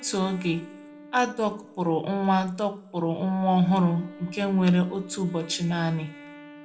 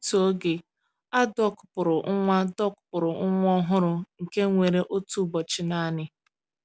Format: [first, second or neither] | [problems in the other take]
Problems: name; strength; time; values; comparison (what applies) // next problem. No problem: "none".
second | background sound (Wind instrument, woodwind instrument); 20 dB below the speech // room echo; dies away in 0.4 s